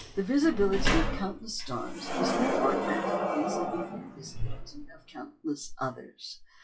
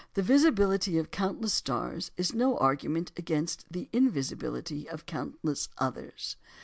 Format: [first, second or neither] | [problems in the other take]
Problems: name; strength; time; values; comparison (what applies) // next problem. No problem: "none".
second | noise reduction (classical method WPE with log-MMSE)